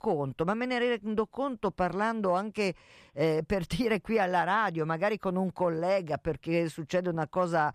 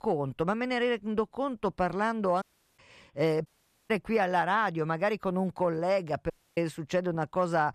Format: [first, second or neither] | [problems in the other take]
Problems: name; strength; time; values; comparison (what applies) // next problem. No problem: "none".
first | audio cutting out; at 2.5 s, at 3.5 s and at 6.5 s